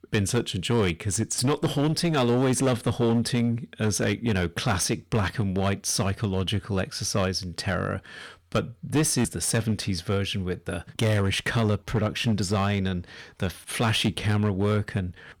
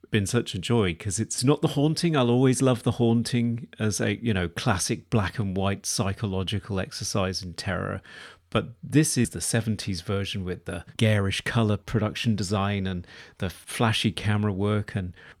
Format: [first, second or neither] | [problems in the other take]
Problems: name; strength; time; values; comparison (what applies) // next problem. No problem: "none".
second | distortion; slight; 9% of the sound clipped